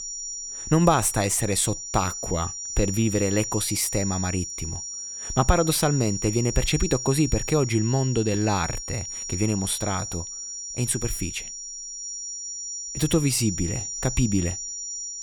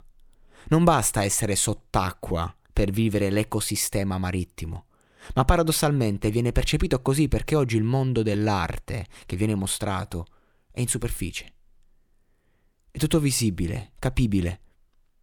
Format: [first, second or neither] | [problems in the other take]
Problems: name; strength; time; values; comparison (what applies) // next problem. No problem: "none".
second | high-pitched whine; loud; throughout; 5.5 kHz, 6 dB below the speech